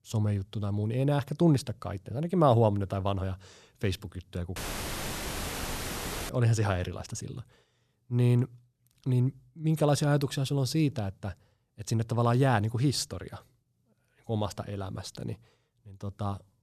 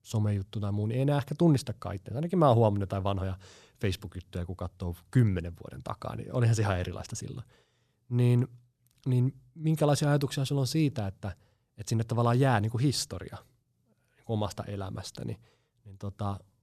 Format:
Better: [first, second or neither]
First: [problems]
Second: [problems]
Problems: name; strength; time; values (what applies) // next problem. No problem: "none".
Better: second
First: audio cutting out; filled with static; at 4.5 s for 1.5 s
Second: none